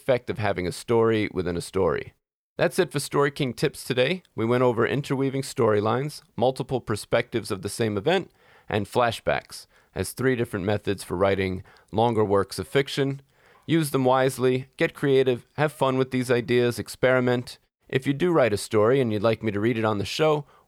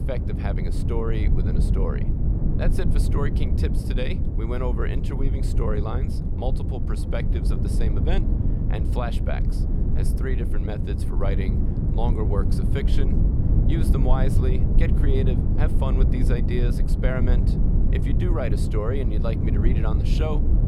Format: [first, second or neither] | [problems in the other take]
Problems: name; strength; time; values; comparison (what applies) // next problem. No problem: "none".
first | low rumble; loud; throughout; 3 dB below the speech